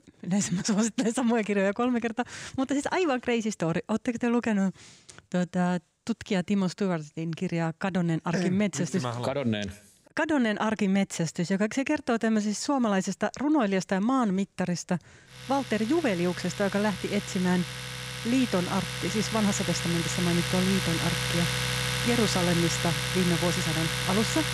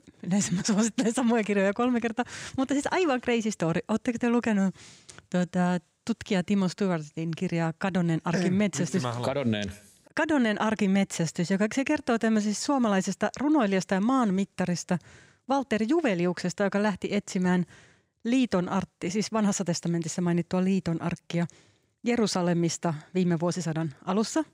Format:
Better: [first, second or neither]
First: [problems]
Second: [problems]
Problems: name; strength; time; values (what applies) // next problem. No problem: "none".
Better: second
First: household noises; loud; throughout; 2 dB below the speech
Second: none